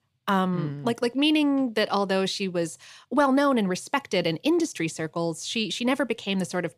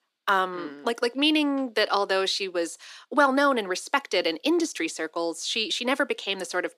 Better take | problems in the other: first | thin; very slightly; fading below 300 Hz

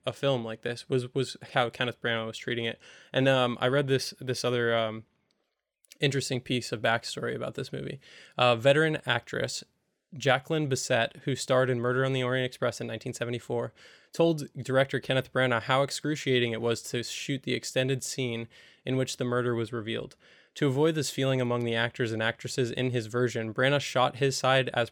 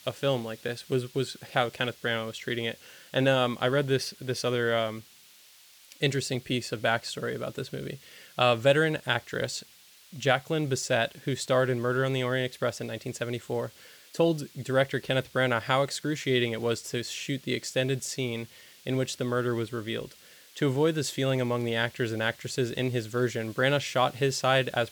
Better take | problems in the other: first | hiss; faint; throughout; 25 dB below the speech

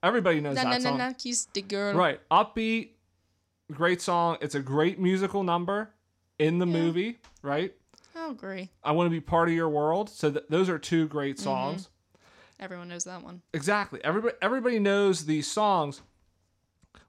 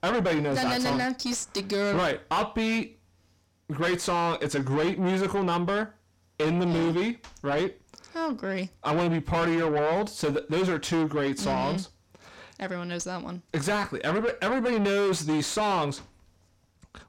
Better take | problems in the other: first | distortion; heavy; 5 dB below the speech

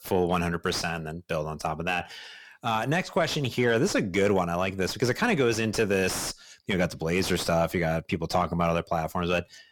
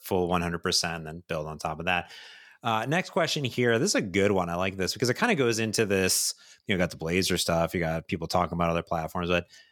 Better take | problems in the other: second | distortion; slight; 10 dB below the speech

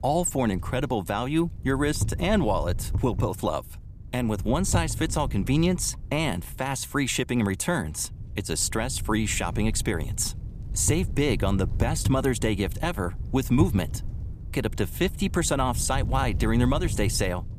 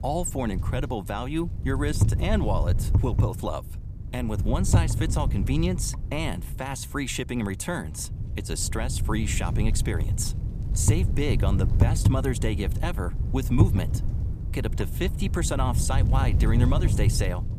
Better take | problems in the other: first | wind noise on the microphone; heavy; 8 dB below the speech; occasional gusts in the first

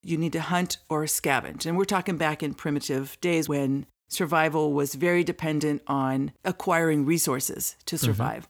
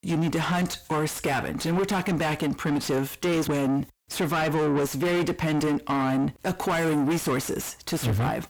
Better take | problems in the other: first | distortion; heavy; 5 dB below the speech

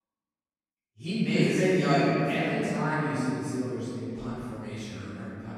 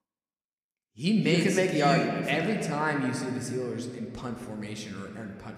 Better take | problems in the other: second | room echo; strong; dies away in 2.4 s; slight in the second // off-mic speech; far

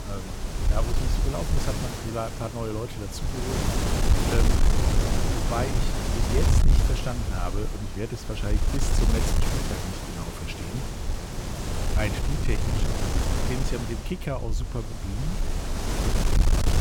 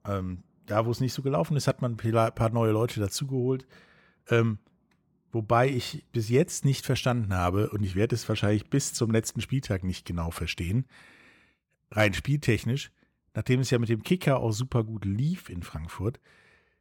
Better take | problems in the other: second | wind noise on the microphone; heavy; 2 dB above the speech

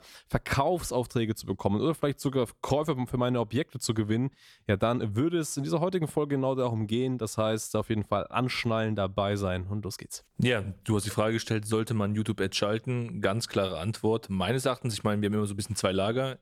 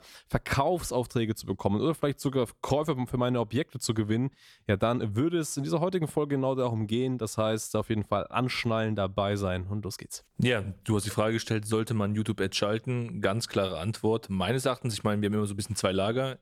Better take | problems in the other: neither | none

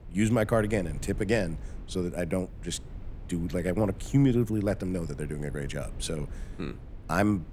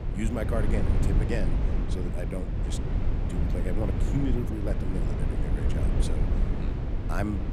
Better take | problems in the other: first | low rumble; loud; throughout; 1 dB below the speech; faint in the first

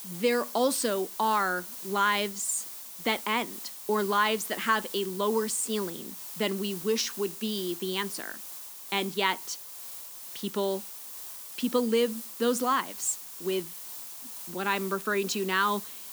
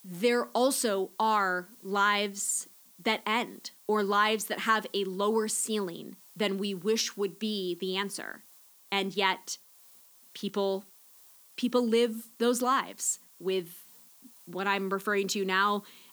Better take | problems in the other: second | hiss; loud; throughout; 10 dB below the speech; faint in the second

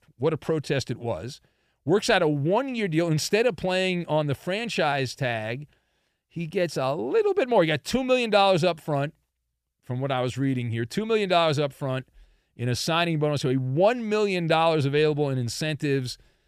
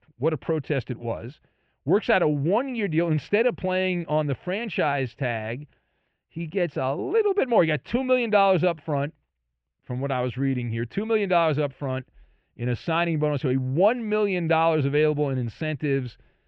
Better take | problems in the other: first | muffled; very; fading above 2.5 kHz

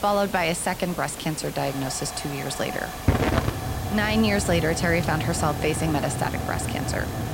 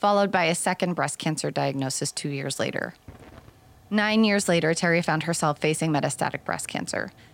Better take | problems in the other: second | hiss; loud; throughout; 4 dB below the speech; faint in the second

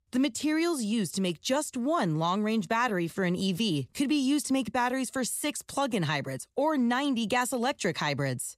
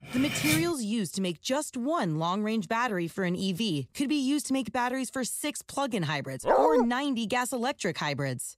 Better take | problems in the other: first | clattering dishes; loud; at the start; peak 2 dB above the speech // dog barking; loud; at 6.5 s; peak 6 dB above the speech

